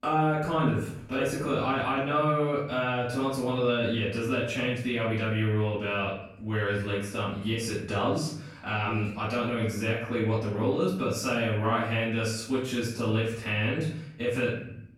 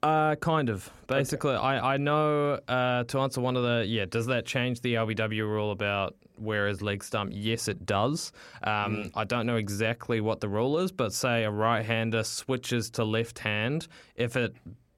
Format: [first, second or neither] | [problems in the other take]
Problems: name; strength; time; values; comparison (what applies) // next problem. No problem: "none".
second | off-mic speech; far // room echo; noticeable; dies away in 0.6 s